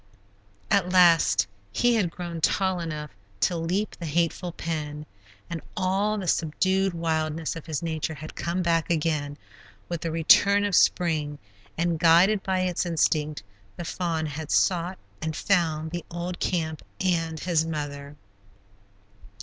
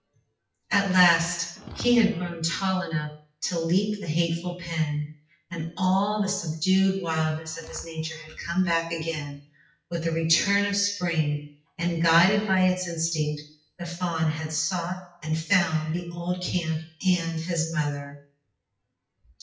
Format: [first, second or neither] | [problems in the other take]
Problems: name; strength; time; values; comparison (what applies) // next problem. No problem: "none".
first | noise reduction (classical method WPE with log-MMSE)